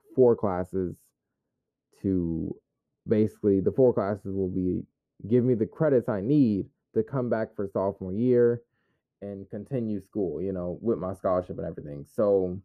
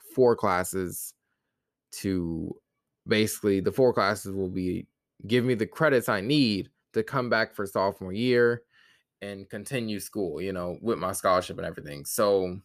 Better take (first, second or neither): second